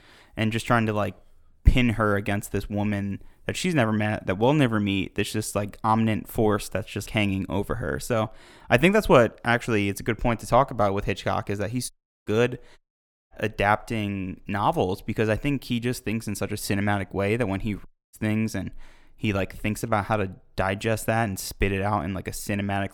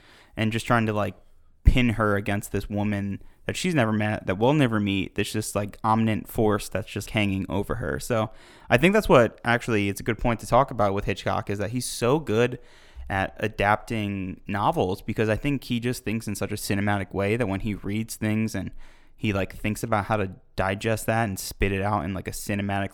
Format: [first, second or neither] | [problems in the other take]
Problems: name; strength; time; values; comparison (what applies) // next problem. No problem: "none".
second | audio cutting out; at 12 s, at 13 s for 0.5 s and at 18 s